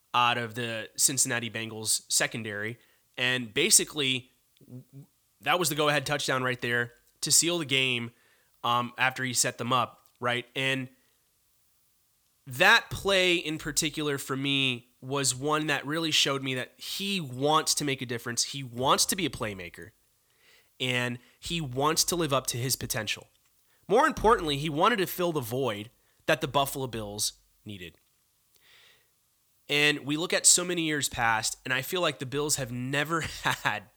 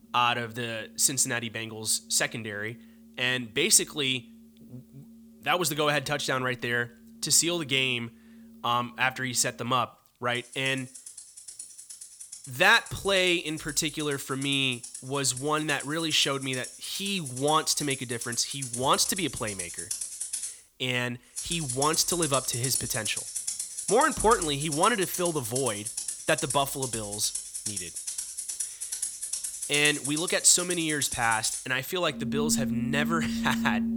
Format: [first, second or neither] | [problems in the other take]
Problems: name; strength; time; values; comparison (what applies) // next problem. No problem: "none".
first | background music; loud; throughout; 7 dB below the speech